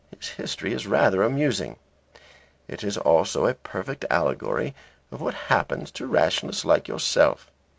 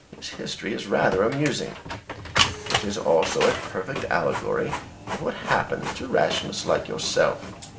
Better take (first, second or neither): first